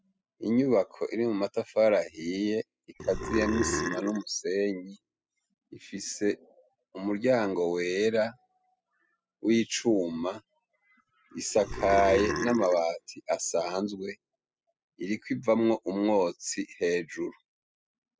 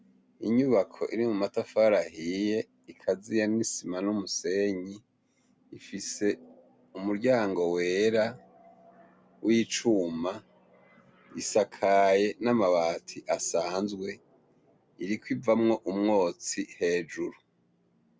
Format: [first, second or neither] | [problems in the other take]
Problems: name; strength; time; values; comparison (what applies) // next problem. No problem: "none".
second | noise reduction (classical method spectral subtraction)